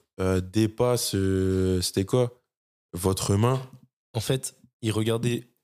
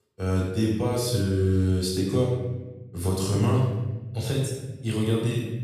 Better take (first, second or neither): first